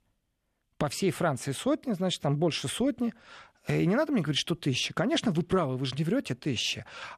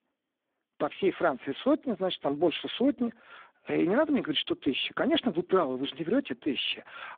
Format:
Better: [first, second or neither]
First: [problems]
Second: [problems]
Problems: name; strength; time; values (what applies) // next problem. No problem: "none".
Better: first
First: none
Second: phone-call audio; poor line; nothing above 3.5 kHz